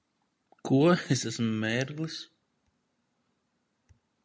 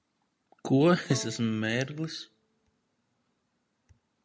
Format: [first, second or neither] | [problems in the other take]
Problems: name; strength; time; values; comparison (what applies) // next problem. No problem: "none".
first | background sound (Bowed string instrument); 15 dB below the speech